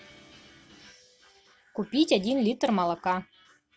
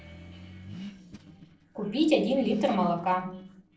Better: first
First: none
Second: noise reduction (neural separator model SepFormer DNS4)

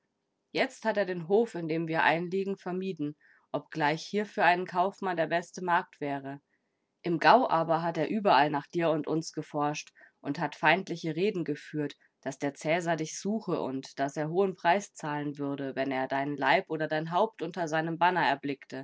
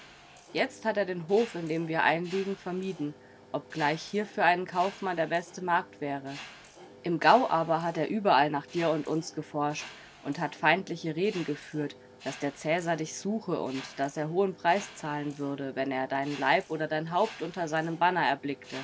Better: first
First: none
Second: background sound (Mechanisms); 19 dB below the speech

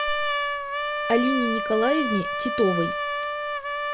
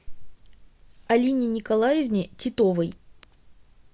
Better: second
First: background sound (Trumpet); 1 dB below the speech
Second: none

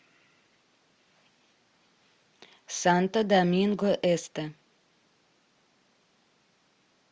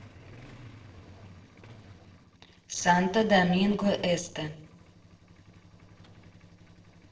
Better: first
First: none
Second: noise reduction (neural separator model SepFormer DNS4)

